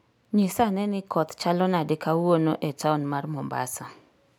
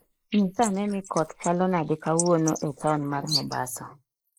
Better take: first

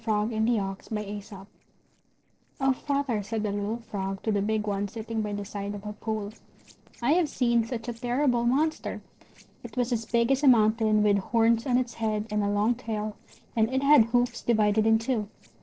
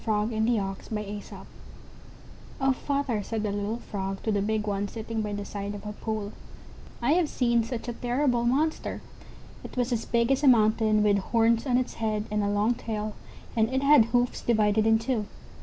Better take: second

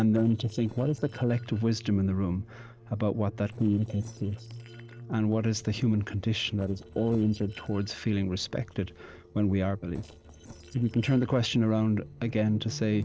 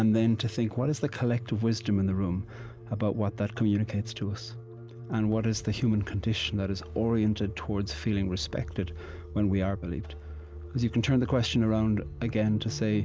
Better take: second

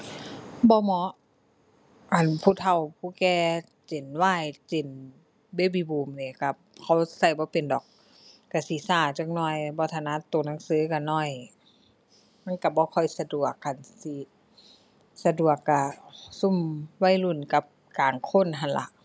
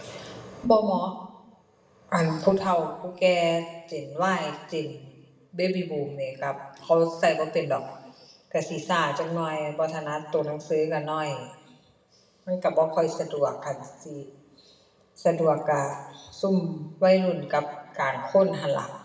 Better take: first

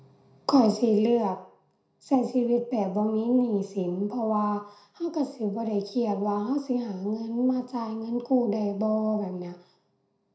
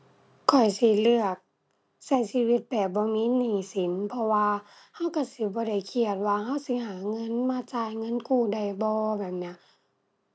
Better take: second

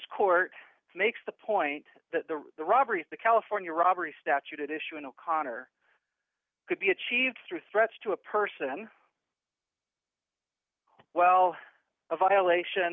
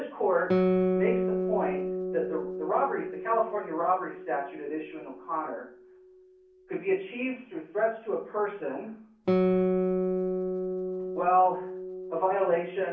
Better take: first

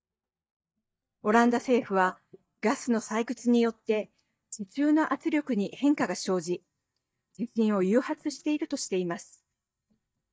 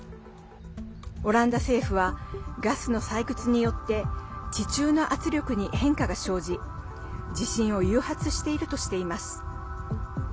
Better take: second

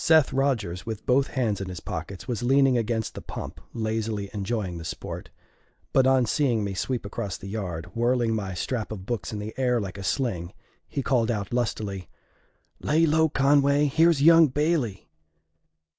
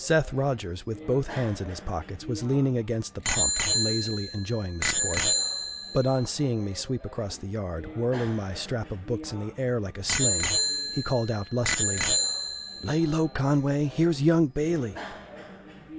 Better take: first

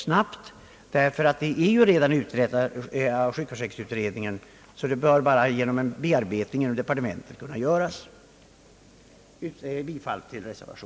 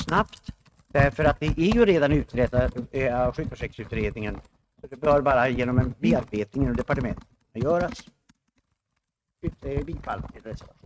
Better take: first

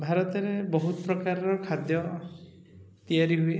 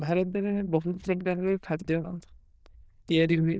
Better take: first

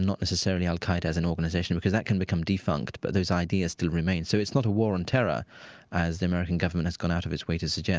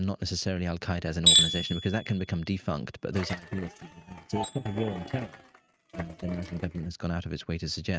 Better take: first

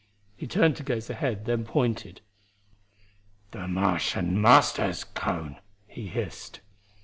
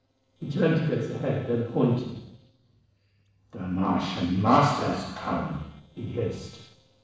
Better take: first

